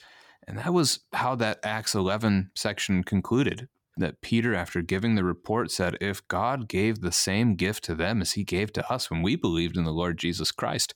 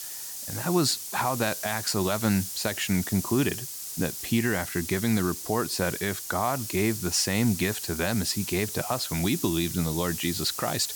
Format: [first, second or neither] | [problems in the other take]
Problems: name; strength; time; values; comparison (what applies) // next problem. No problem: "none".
first | hiss; loud; throughout; 6 dB below the speech